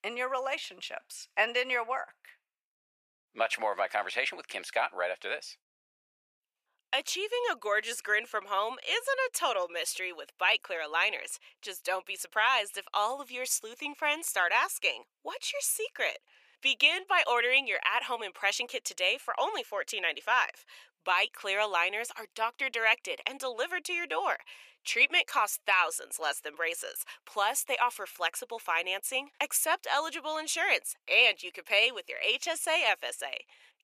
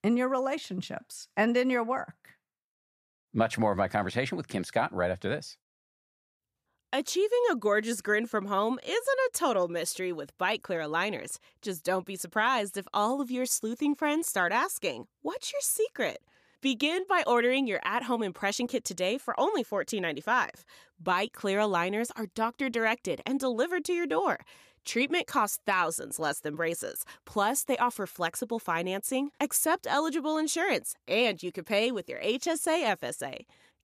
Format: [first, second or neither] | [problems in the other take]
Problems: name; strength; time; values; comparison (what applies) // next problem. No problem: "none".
second | thin; very; fading below 550 Hz